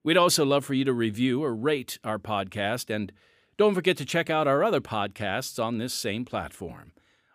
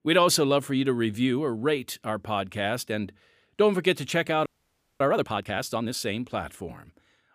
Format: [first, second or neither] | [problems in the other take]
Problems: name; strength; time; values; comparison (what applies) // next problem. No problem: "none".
first | audio freezing; at 4.5 s for 0.5 s